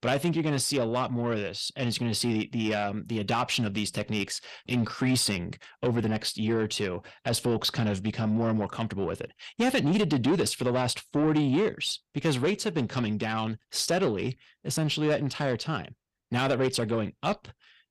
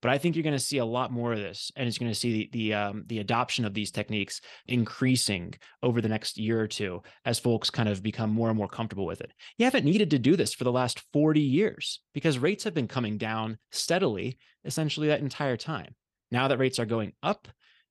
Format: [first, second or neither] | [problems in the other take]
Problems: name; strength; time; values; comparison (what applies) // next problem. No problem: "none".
second | distortion; slight; 10 dB below the speech